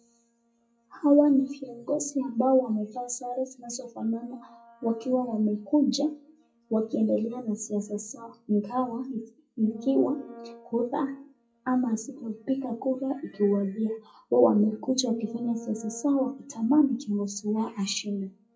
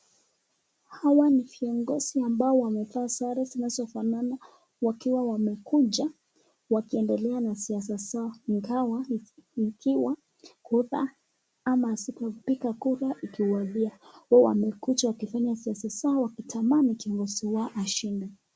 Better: second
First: noise reduction (classical method WPE with log-MMSE)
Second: none

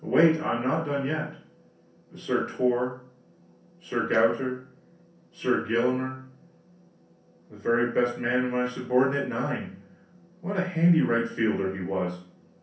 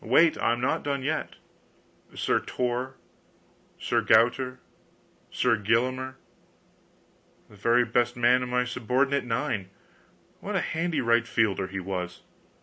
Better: second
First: room echo; dies away in 0.6 s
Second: none

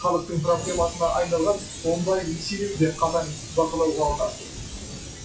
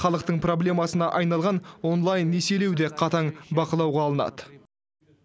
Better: second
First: noise reduction (classical method WPE with log-MMSE)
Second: none

